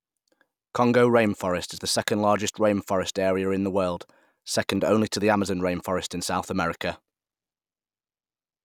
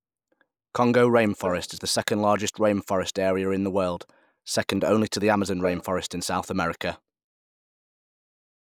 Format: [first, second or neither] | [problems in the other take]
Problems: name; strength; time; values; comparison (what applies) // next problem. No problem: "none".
first | noise reduction (neural mask model Resemble Enhance denoiser)